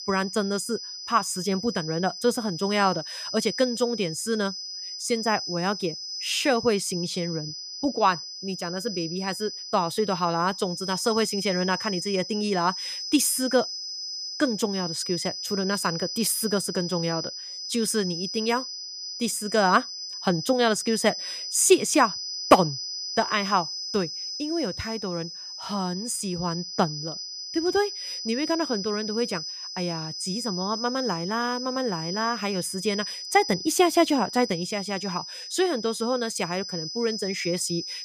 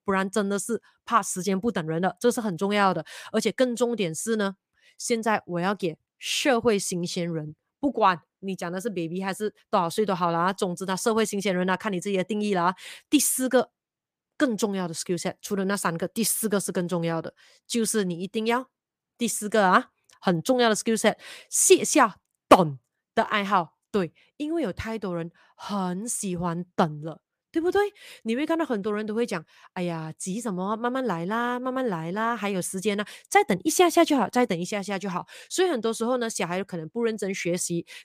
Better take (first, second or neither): second